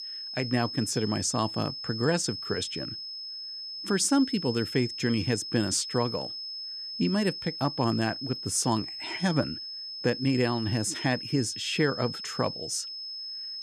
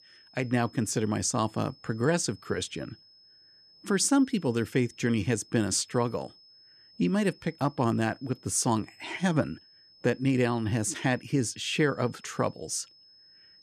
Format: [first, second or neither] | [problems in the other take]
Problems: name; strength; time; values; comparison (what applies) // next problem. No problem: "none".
second | high-pitched whine; loud; throughout; 5 kHz, 6 dB below the speech; faint in the second